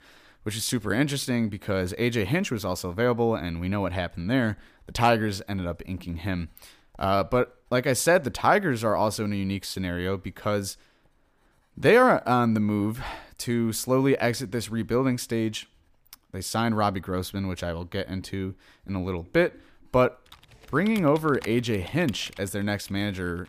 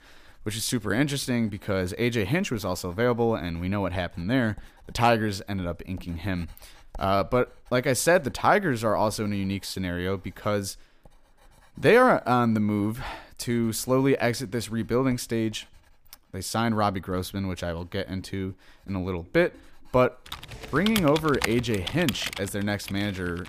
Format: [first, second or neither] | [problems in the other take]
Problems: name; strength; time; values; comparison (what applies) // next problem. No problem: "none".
first | household noises; loud; throughout; 9 dB below the speech; faint in the first